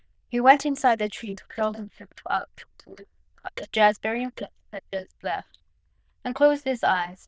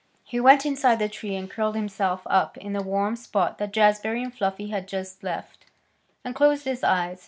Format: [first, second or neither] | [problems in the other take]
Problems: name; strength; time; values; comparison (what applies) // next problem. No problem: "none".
second | noise reduction (neural diffusion model UNIVERSE++)